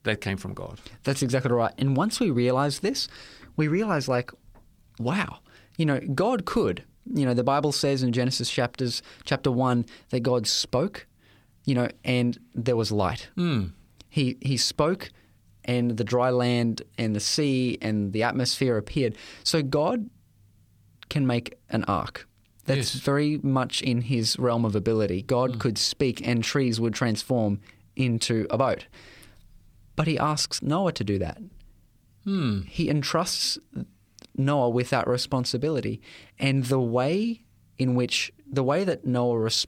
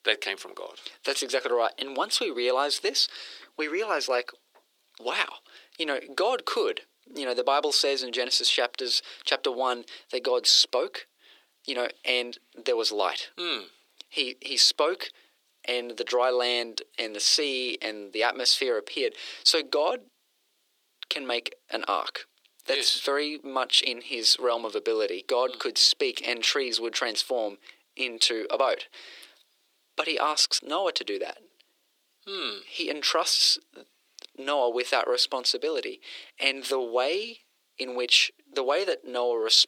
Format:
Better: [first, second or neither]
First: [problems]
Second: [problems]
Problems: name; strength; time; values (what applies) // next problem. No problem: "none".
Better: first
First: none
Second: thin; very; fading below 350 Hz